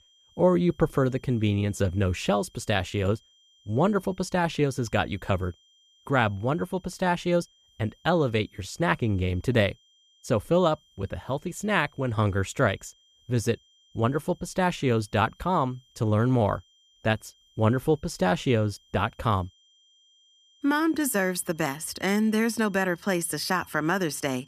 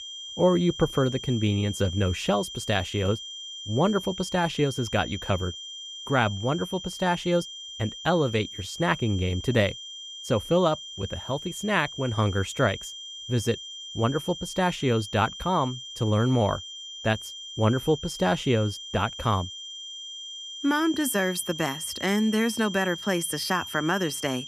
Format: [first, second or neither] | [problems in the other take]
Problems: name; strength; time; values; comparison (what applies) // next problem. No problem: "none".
first | high-pitched whine; loud; throughout; 3 kHz, 10 dB below the speech; faint in the first